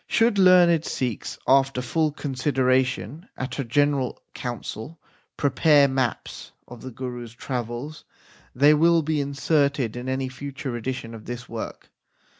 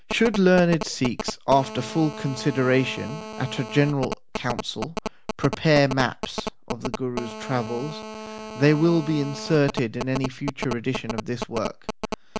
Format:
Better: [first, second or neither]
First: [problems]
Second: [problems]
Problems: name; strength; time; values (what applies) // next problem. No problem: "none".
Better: first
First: none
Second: background sound (Telephone); 9 dB below the speech